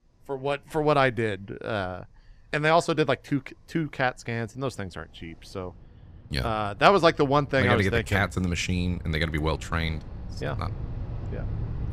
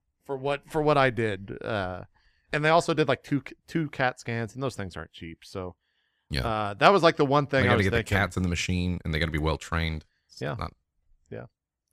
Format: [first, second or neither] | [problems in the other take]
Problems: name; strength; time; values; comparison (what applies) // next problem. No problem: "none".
second | wind in the background; noticeable; throughout; 15 dB below the speech